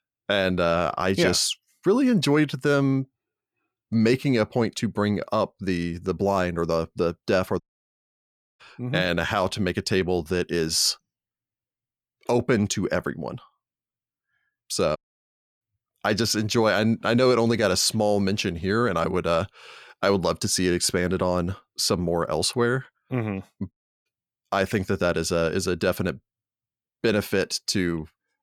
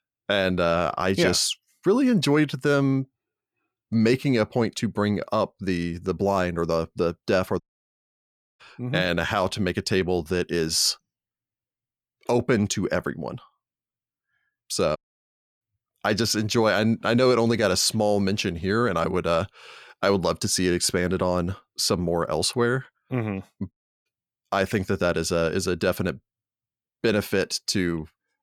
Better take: neither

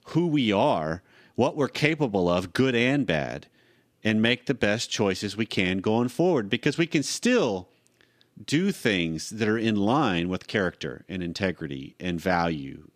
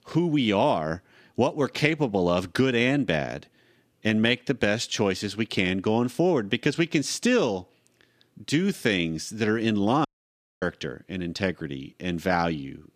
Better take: first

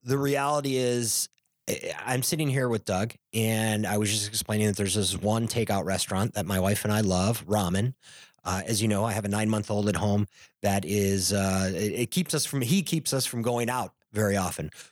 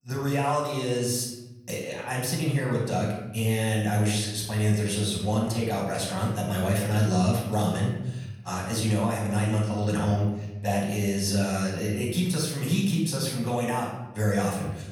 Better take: first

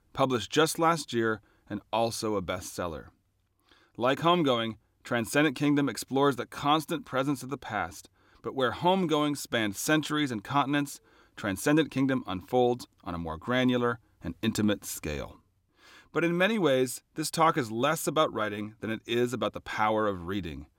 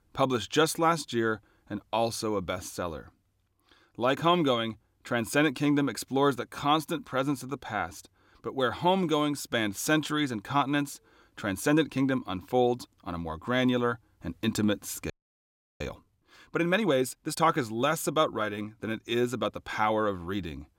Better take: first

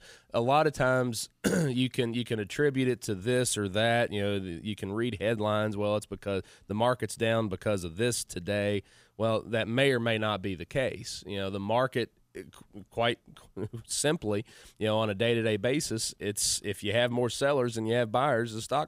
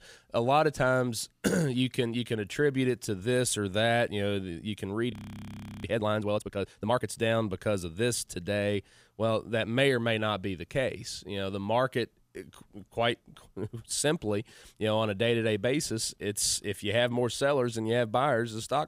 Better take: first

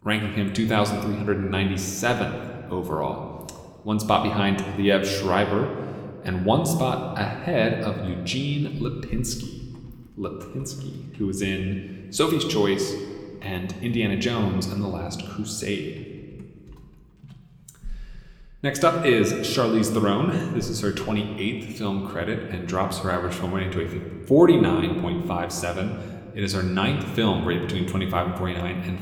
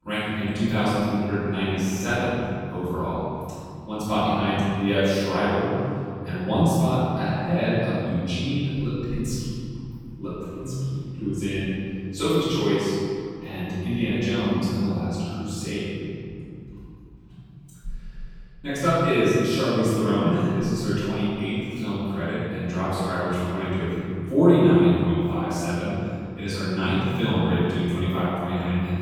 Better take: first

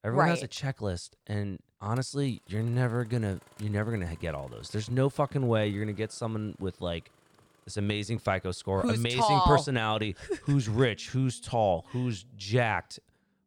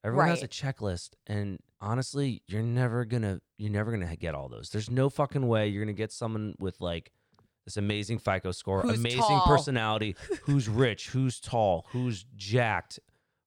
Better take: second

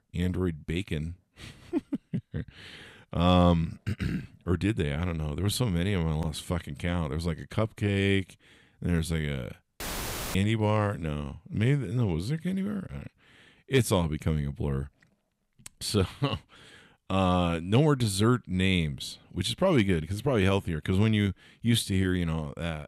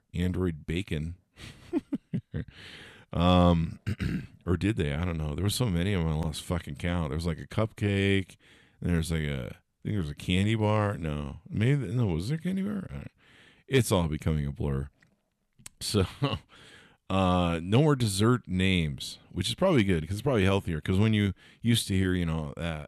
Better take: second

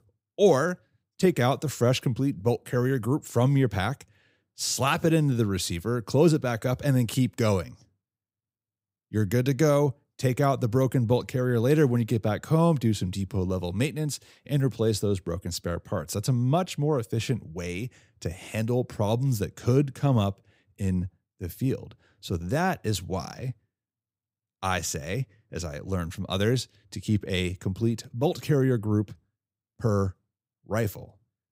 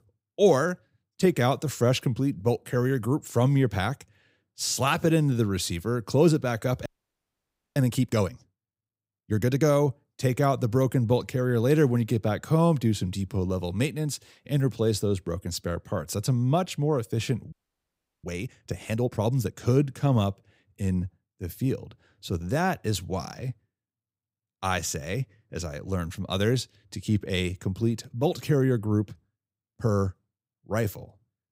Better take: first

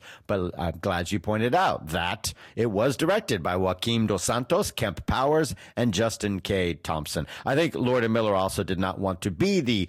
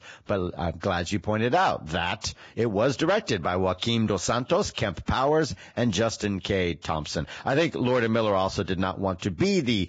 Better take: first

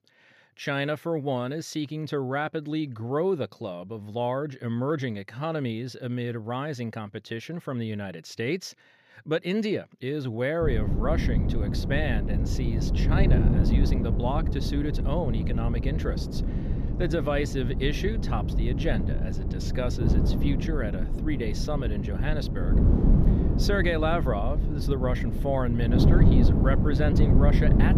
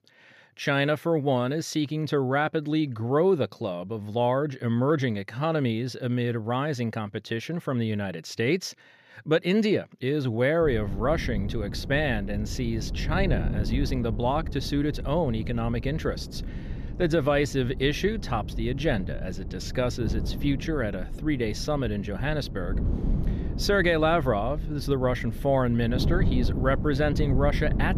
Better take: second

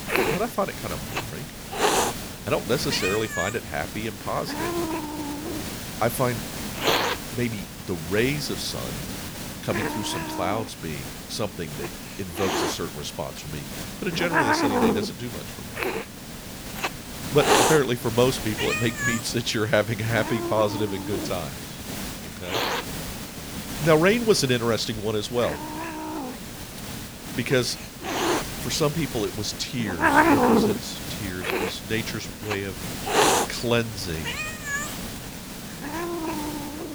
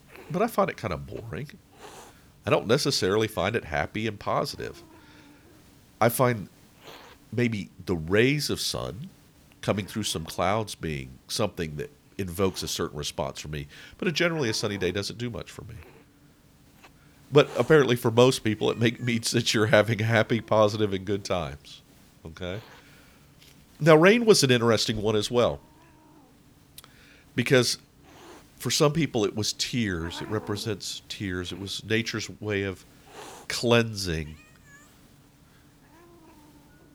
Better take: second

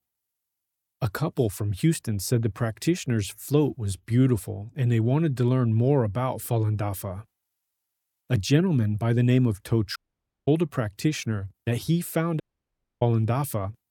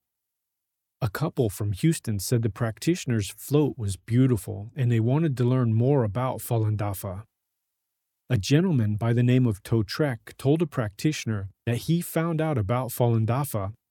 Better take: second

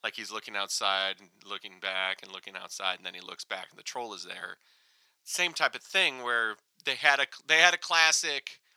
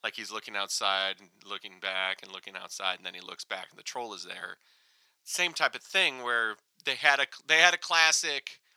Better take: neither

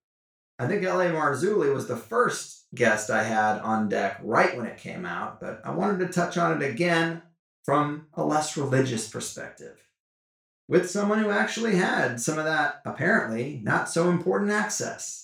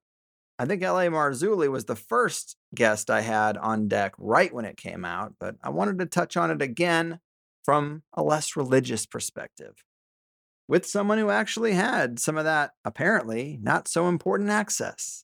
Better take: second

